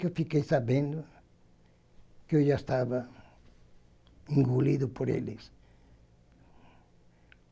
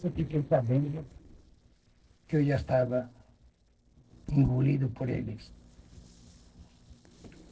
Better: first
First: none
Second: noise reduction (neural separator model SepFormer DNS4)

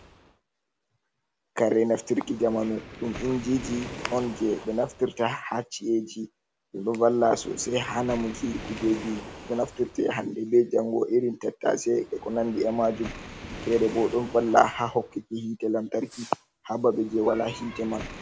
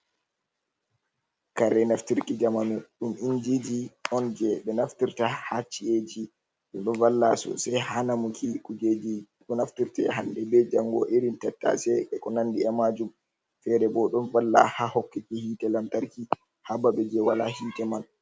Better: second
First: background sound (Fireworks + Waves, surf); 16 dB below the speech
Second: none

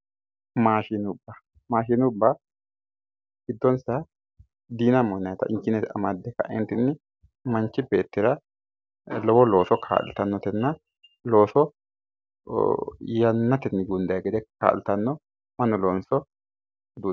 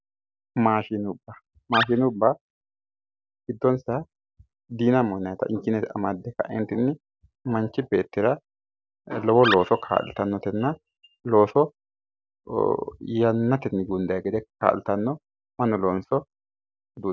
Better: first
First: none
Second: background sound (Animal); 5 dB below the speech

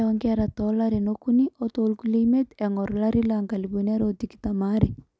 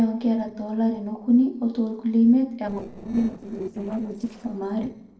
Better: first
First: none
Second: noise reduction (neural separator model SepFormer DNS4)

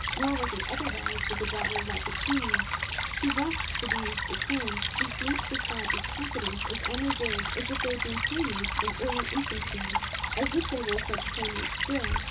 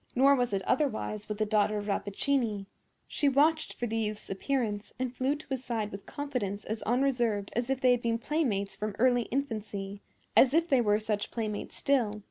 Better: second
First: background sound (Stream / Trickle, dribble); 3 dB above the speech // room echo; dies away in 0.2 s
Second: none

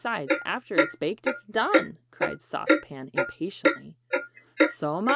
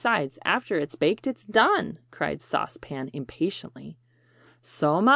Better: second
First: background sound (Clock); 4 dB above the speech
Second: none

